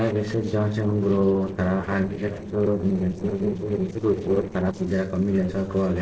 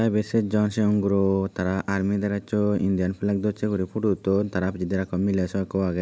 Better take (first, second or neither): second